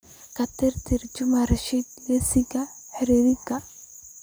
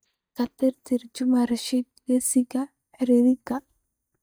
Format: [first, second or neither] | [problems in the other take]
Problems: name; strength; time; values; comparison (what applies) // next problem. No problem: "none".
first | noise reduction (neural mask model DeepFilterNet 3)